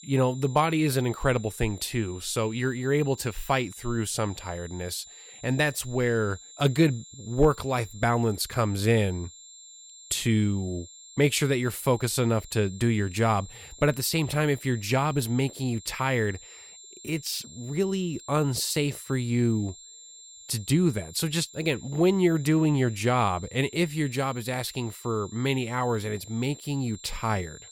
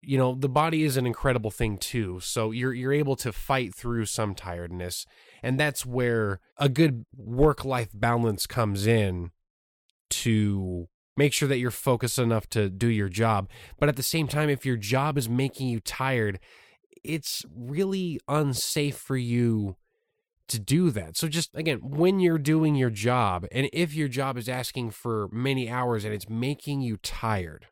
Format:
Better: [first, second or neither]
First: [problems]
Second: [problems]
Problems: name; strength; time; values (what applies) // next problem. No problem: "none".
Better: second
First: high-pitched whine; noticeable; throughout; 7.5 kHz, 20 dB below the speech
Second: none